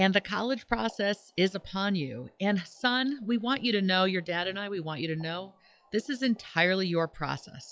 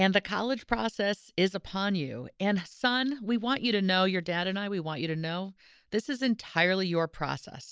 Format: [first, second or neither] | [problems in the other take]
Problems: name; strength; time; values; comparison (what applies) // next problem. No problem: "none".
second | noise reduction (classical method log-MMSE)